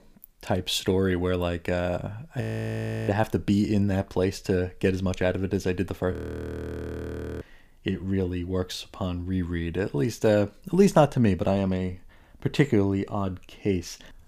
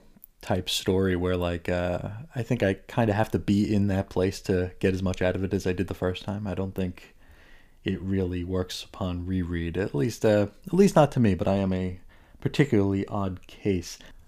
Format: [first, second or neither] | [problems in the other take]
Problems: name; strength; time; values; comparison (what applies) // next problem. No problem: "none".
second | audio freezing; at 2.5 s for 0.5 s and at 6 s for 1.5 s